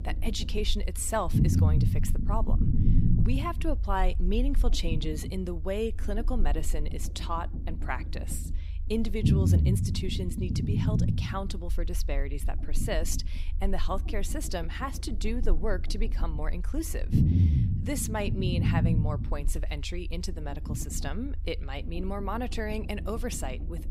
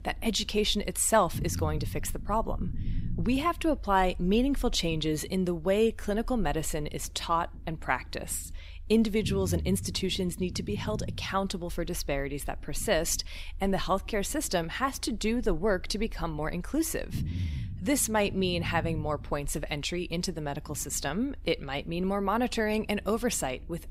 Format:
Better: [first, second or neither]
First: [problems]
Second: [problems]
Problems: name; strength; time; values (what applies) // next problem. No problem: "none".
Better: second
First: low rumble; loud; throughout; 6 dB below the speech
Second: low rumble; faint; throughout; 20 dB below the speech